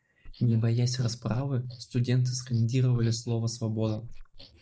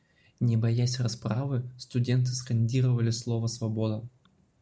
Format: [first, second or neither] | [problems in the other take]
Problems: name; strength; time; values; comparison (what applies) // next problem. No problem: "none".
second | noise reduction (neural mask model Resemble Enhance denoiser)